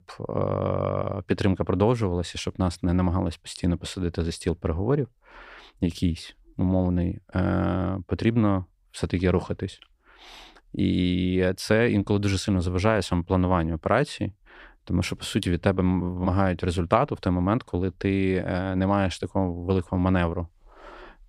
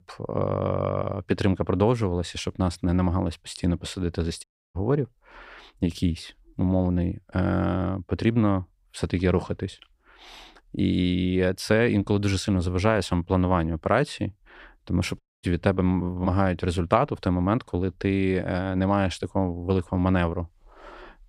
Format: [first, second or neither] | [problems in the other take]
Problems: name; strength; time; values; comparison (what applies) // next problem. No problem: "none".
first | audio cutting out; at 4.5 s and at 15 s